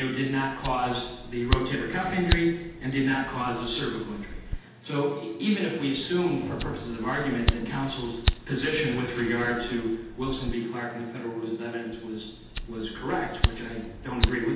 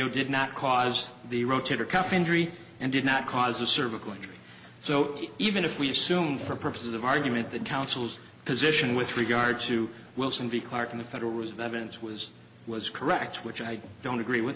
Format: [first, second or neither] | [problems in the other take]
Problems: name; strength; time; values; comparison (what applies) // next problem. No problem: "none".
second | background sound (Fire); 4 dB below the speech // room echo; dies away in 0.8 s